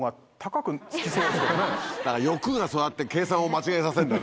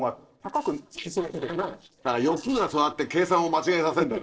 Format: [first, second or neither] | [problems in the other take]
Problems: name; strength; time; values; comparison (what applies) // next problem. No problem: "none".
first | noise reduction (neural separator model SepFormer DNS4)